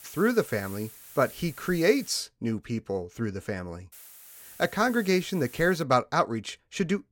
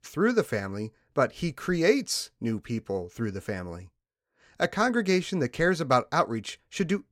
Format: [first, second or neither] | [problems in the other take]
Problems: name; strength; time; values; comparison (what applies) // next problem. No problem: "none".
second | hiss; noticeable; until 2 s and from 4 to 6 s; 20 dB below the speech